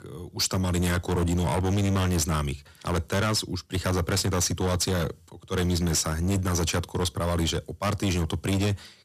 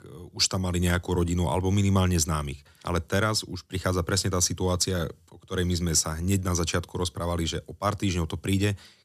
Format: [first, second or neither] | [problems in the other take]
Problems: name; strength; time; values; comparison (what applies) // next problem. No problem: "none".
second | distortion; heavy; 23% of the sound clipped